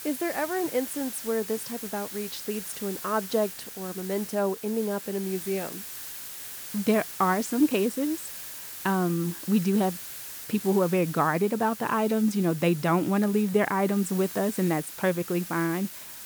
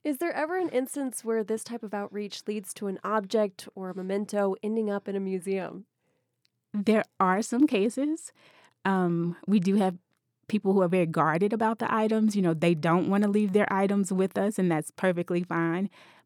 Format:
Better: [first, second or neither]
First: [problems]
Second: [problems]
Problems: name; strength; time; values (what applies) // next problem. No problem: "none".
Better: second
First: hiss; loud; throughout; 10 dB below the speech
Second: none